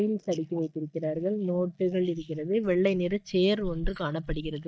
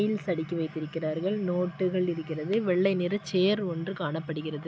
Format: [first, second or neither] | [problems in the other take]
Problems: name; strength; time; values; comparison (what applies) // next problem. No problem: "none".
second | noise reduction (neural mask model DeepFilterNet 3)